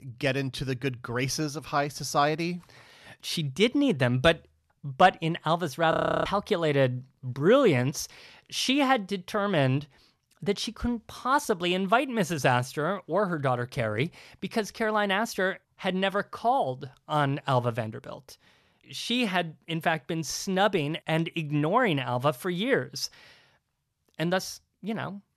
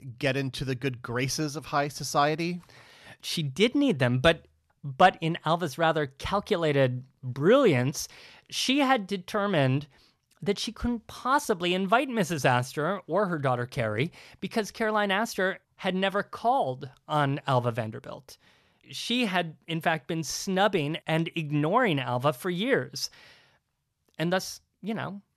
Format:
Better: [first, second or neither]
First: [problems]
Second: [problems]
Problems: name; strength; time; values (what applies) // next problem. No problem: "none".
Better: second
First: audio freezing; at 6 s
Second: none